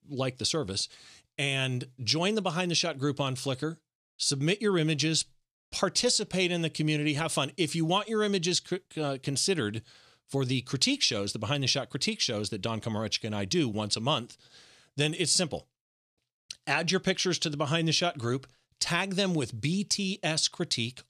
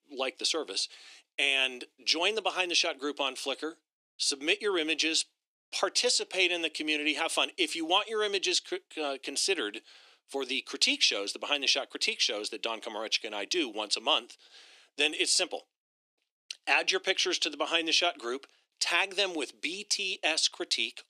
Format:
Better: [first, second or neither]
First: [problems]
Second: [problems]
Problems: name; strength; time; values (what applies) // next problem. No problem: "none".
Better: first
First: none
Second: thin; very; fading below 300 Hz